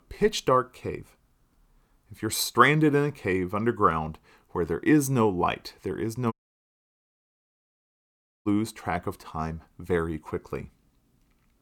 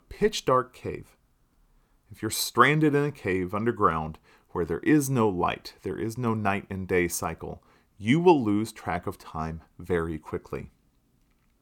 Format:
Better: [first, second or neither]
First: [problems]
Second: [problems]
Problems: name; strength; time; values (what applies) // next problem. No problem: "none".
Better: second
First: audio cutting out; at 6.5 s for 2 s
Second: none